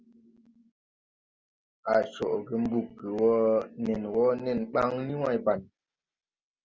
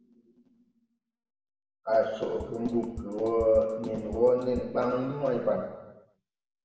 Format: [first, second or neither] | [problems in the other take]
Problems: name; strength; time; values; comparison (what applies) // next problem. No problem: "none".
first | background sound (Drum kit); 14 dB below the speech // room echo; dies away in 1.1 s